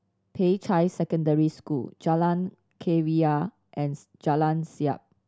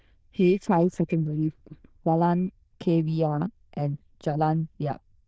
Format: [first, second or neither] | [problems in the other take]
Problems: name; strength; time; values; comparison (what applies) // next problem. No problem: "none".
first | noise reduction (neural diffusion model UNIVERSE++)